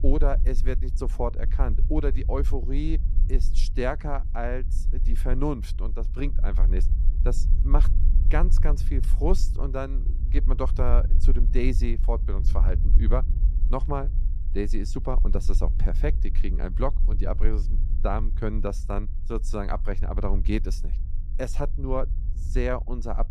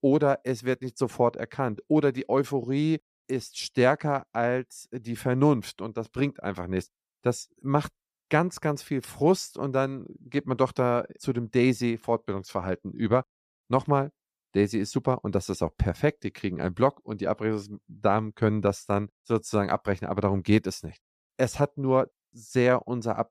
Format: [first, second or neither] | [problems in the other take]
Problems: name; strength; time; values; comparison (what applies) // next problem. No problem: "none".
second | low rumble; noticeable; throughout; 15 dB below the speech